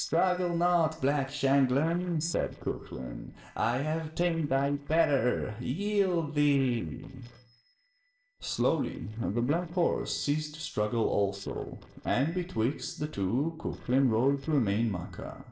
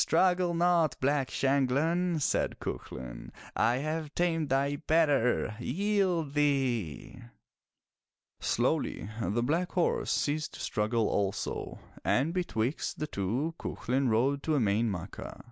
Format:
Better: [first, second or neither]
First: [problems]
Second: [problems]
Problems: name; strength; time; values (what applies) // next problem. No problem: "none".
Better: second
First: noise reduction (neural separator model SepFormer DNS4)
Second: none